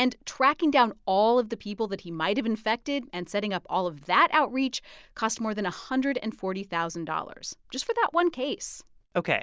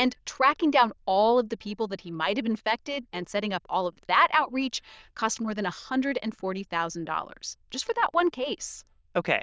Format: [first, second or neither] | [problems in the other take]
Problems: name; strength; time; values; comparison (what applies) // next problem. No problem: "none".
first | noise reduction (neural diffusion model UNIVERSE++)